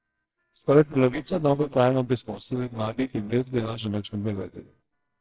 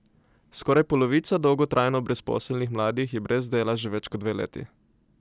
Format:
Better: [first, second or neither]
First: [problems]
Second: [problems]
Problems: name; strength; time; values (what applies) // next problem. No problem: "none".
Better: second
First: noise reduction (neural separator model SepFormer WHAMR!)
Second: none